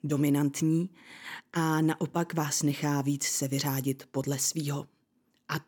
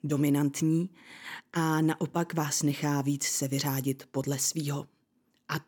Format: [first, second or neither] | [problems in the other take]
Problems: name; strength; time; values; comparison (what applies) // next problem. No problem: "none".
neither | none